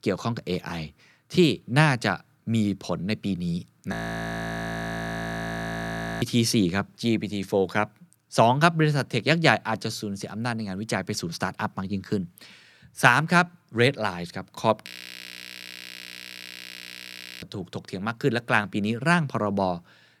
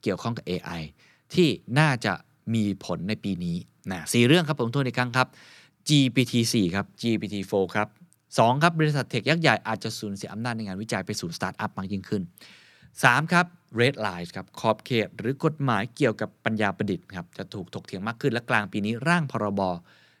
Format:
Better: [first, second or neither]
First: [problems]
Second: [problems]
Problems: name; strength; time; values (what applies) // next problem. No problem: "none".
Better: second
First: audio freezing; at 4 s for 2.5 s and at 15 s for 2.5 s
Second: none